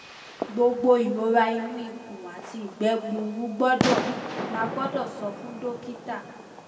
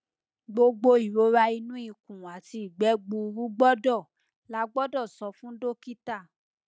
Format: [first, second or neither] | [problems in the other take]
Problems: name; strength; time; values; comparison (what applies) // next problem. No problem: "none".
second | background sound (Fireworks); 8 dB below the speech // room echo; dies away in 1.7 s